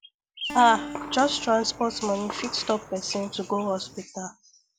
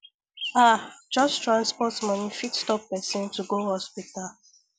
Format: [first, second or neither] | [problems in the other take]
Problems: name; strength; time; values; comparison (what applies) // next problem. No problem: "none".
second | background sound (Gunshot, gunfire + Acoustic guitar); 13 dB below the speech